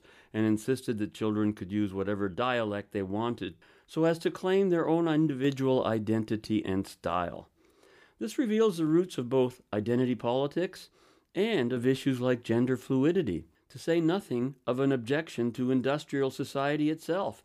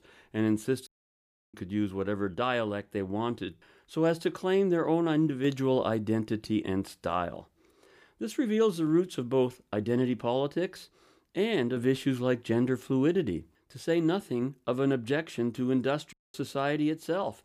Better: first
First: none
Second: audio cutting out; at 1 s for 0.5 s and at 16 s

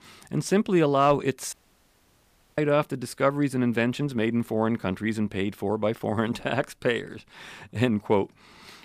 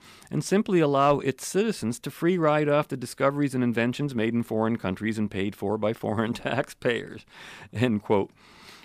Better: second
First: audio cutting out; at 1.5 s for 1 s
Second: none

